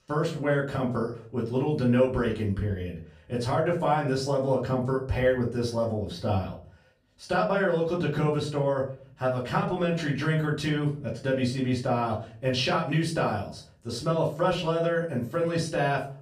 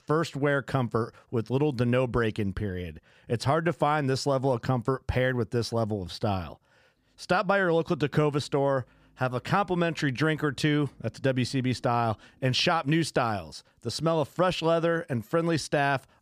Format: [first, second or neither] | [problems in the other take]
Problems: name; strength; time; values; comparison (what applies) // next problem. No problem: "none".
second | room echo; slight; dies away in 0.4 s // off-mic speech; far